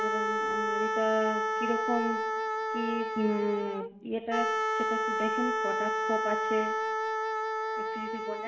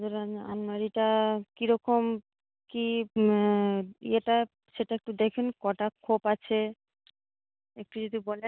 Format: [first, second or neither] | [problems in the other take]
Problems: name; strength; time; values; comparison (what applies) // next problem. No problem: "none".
second | background sound (Wind instrument, woodwind instrument); 3 dB above the speech // room echo; dies away in 0.9 s